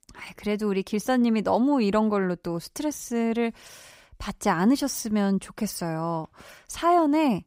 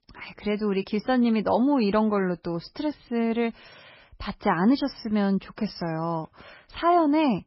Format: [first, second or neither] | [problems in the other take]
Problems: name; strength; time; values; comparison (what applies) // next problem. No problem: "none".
first | garbled, watery; badly; nothing above 5.5 kHz